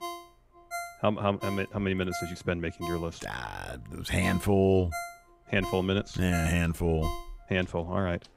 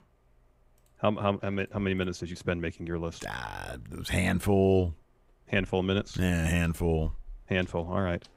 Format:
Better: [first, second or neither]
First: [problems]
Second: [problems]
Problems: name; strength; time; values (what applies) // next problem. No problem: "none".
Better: second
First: phone ringing; noticeable; until 7.5 s; peak 9 dB below the speech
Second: none